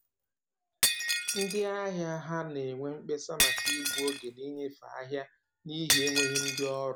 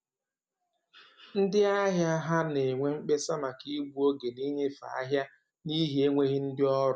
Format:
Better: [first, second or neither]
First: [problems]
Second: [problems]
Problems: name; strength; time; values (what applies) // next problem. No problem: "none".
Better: second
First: background sound (Shatter); 2 dB above the speech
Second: none